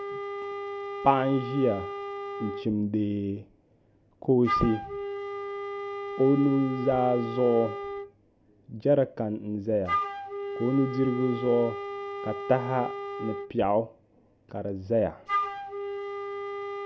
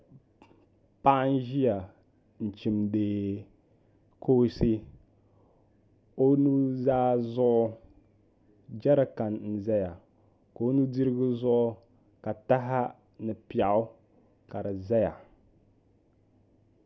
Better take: second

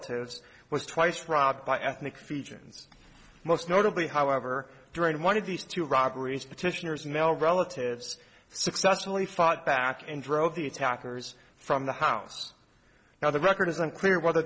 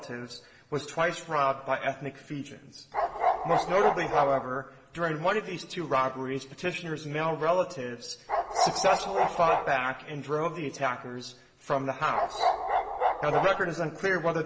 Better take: first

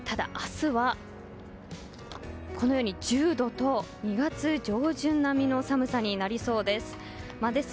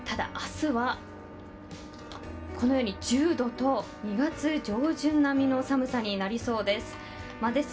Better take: first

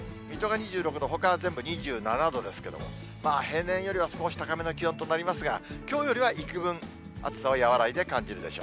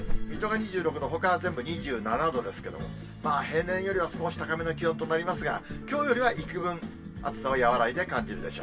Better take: first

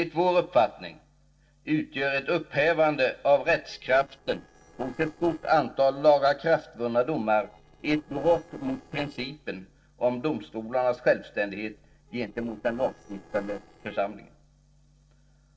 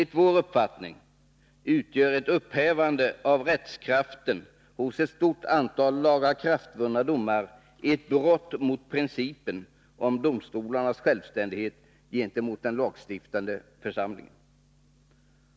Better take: second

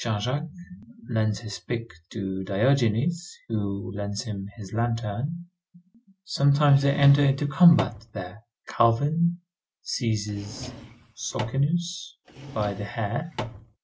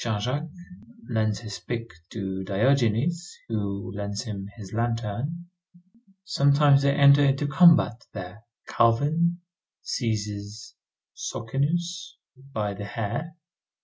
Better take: second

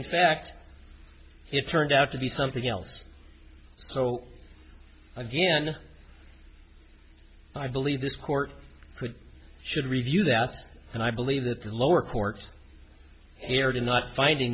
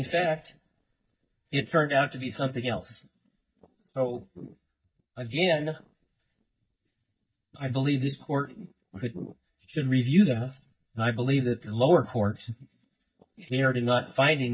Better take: first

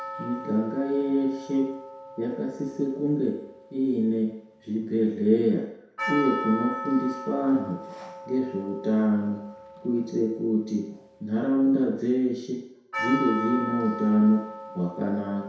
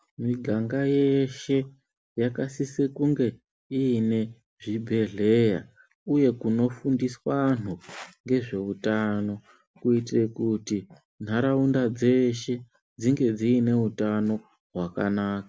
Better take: second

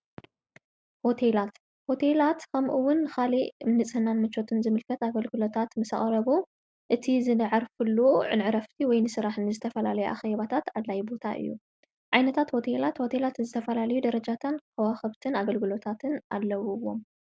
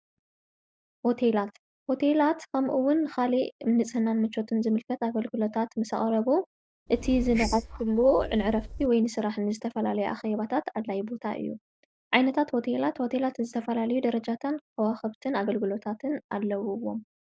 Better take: first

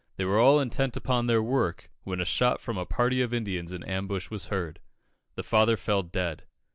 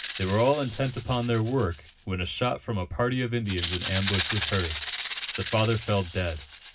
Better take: first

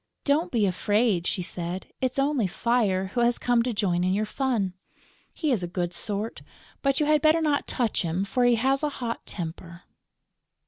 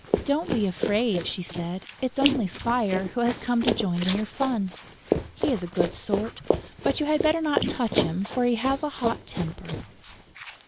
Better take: first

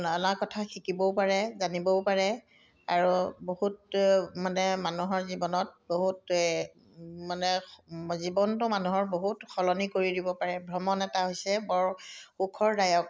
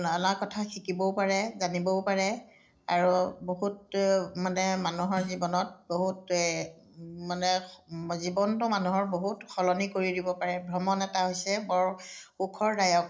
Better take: first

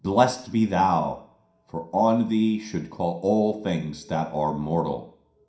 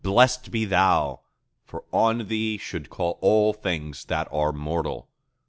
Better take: second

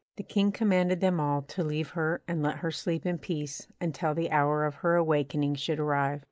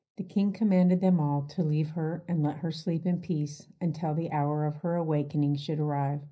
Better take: first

